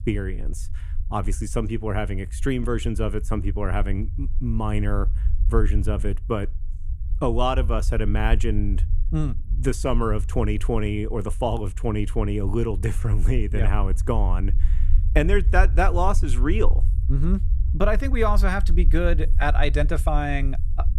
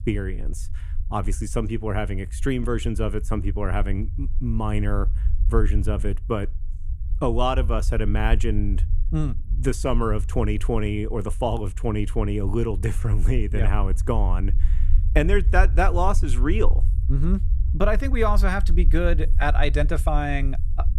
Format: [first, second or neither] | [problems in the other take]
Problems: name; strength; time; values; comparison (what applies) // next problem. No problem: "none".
neither | low rumble; noticeable; throughout; 20 dB below the speech; the same in both